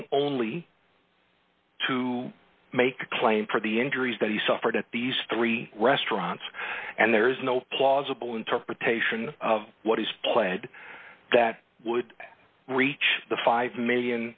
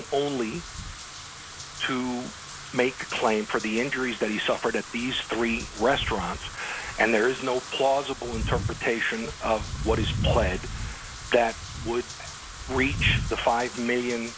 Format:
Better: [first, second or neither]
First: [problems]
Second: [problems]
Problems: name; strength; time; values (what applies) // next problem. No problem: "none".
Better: first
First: none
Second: background sound (Wind / Rain); 7 dB below the speech